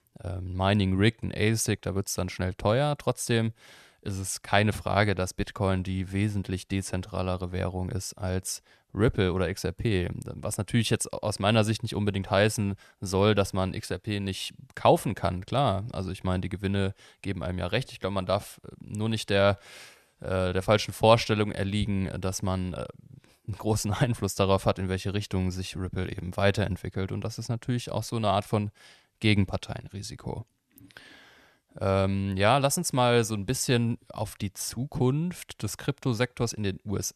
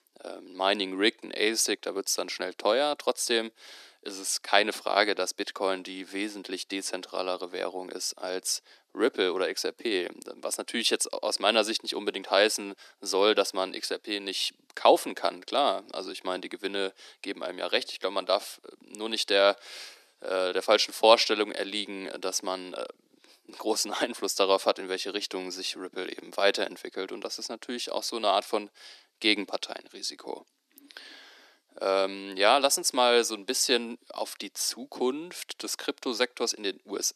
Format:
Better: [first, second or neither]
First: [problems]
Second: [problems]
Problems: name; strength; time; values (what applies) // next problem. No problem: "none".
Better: first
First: none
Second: thin; somewhat; fading below 300 Hz